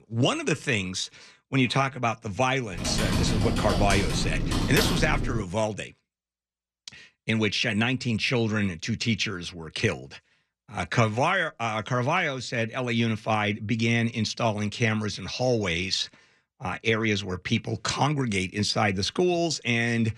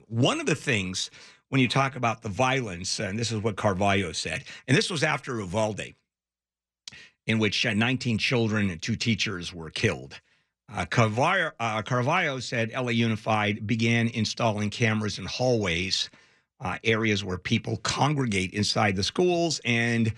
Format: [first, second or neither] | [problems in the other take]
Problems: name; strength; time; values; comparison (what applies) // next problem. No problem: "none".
second | keyboard typing; loud; from 3 to 5.5 s; peak 1 dB above the speech